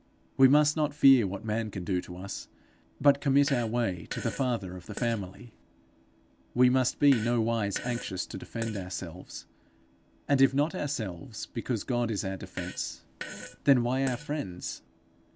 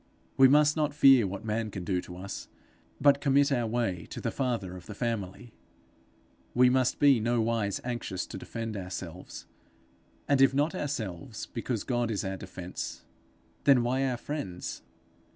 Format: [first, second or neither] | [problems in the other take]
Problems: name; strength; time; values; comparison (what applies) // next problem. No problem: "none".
second | background sound (Fart); 15 dB below the speech